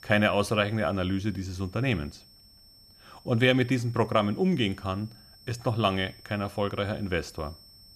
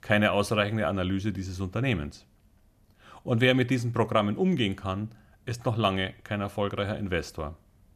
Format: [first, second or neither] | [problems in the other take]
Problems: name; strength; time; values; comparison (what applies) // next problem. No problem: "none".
second | high-pitched whine; faint; throughout; 5.5 kHz, 25 dB below the speech